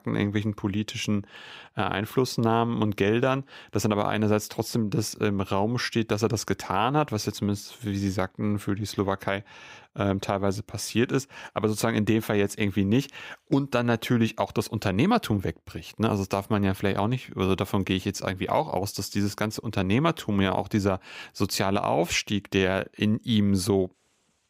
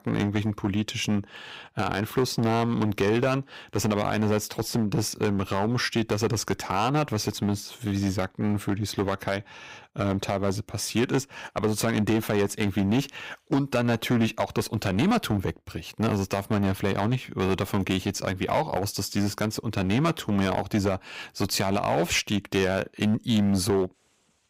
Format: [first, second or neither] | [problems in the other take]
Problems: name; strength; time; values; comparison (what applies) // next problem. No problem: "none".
first | distortion; slight; 6% of the sound clipped